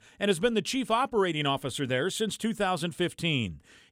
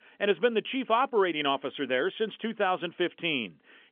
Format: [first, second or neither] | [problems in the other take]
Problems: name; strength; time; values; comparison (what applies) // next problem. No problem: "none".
first | phone-call audio; nothing above 3.5 kHz